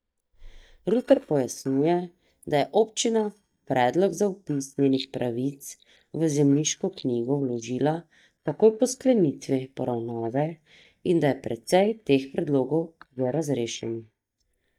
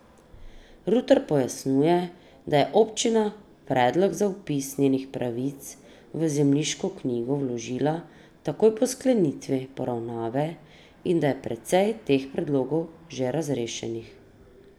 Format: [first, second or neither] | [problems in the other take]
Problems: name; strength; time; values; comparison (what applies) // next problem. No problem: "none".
second | noise reduction (neural mask model DeepFilterNet 3)